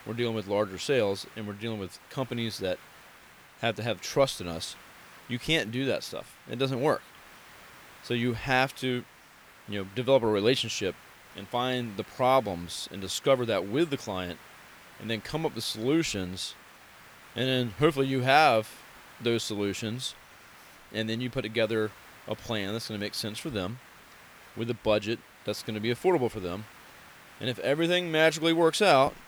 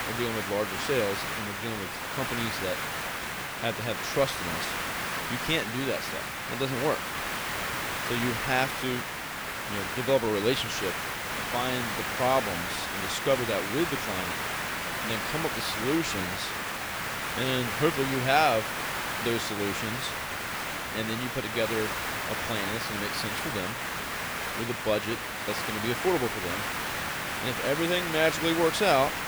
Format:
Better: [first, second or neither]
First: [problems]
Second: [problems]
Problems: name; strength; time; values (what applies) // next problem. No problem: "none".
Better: first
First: hiss; faint; throughout; 20 dB below the speech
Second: hiss; loud; throughout; 1 dB below the speech